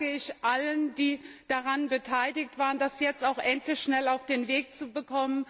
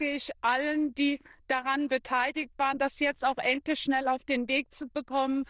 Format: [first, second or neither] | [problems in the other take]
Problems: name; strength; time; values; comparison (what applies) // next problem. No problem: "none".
first | noise reduction (neural diffusion model UNIVERSE++)